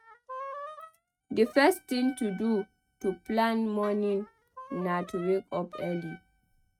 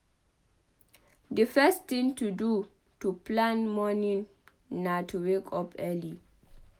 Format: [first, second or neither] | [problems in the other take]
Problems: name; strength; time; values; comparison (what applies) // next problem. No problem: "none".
second | noise reduction (neural mask model RNNoise)